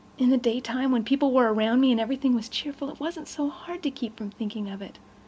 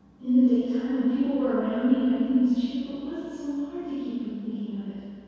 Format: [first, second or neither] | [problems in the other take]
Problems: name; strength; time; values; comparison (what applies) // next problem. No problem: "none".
first | room echo; dies away in 2 s